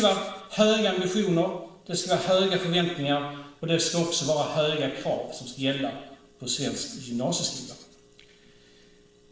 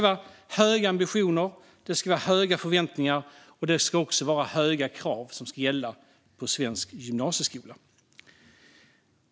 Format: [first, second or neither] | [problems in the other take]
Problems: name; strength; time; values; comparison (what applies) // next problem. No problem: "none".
second | noise reduction (neural separator model SepFormer DNS4)